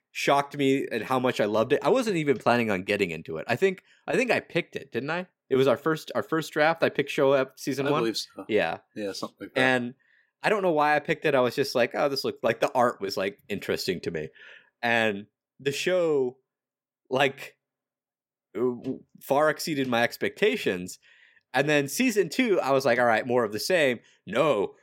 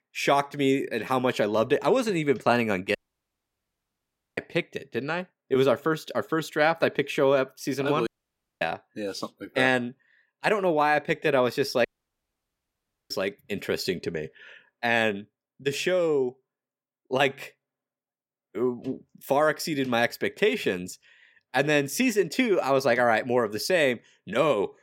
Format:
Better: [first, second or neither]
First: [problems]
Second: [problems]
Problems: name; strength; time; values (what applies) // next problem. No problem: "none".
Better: first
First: none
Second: audio cutting out; at 3 s for 1.5 s, at 8 s for 0.5 s and at 12 s for 1.5 s